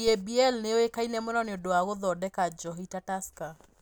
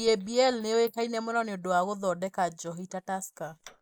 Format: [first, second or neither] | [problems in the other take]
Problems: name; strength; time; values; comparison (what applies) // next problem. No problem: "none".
first | noise reduction (neural mask model Resemble Enhance denoiser)